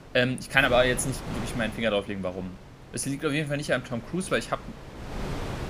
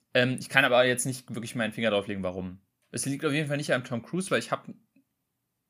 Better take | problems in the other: second | wind noise on the microphone; occasional gusts; 15 dB below the speech

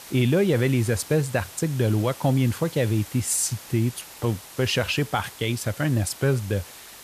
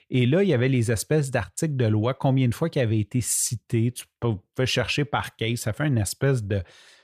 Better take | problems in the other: second | hiss; noticeable; throughout; 15 dB below the speech

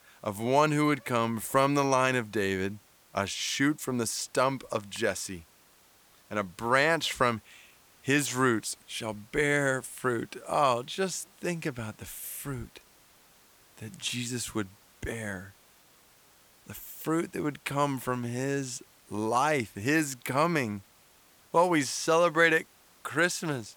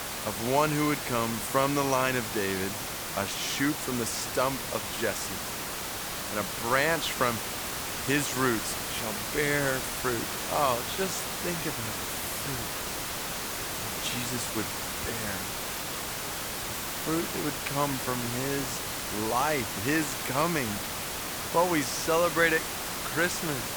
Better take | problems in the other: first | hiss; loud; throughout; 2 dB below the speech; faint in the first

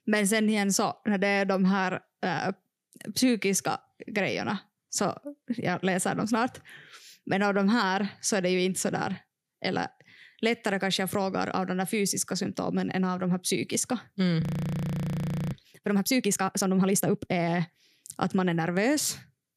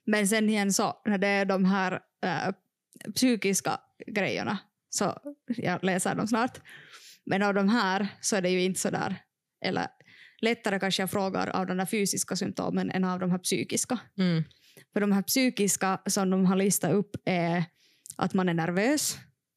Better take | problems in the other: second | audio freezing; at 14 s for 1 s

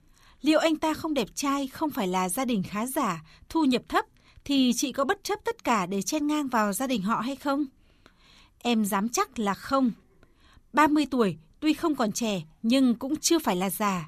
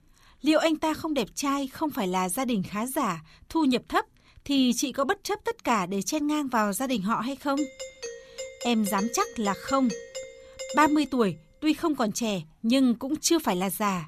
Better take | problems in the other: first | doorbell; noticeable; from 7.5 to 11 s; peak 9 dB below the speech

